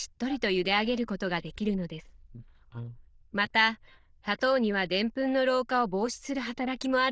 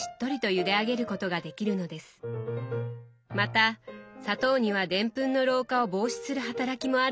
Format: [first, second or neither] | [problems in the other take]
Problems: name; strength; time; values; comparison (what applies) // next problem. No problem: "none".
second | noise reduction (neural diffusion model UNIVERSE++)